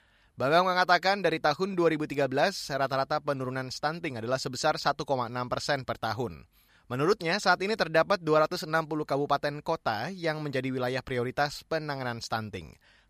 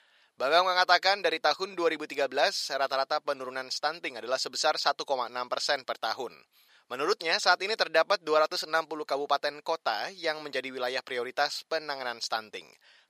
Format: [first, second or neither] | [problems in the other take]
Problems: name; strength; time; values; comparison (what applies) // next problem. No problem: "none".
first | thin; somewhat; fading below 500 Hz